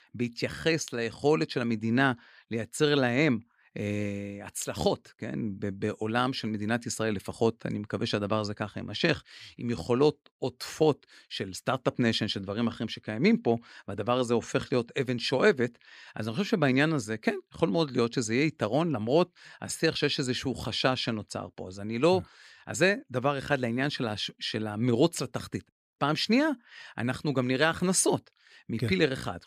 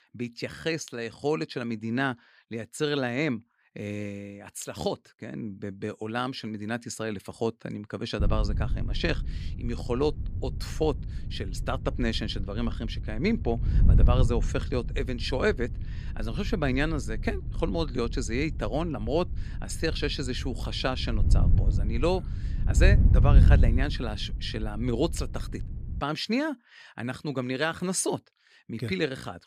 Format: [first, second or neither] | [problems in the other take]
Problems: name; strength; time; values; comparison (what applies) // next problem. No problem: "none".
first | wind noise on the microphone; occasional gusts; from 8 to 26 s; 15 dB below the speech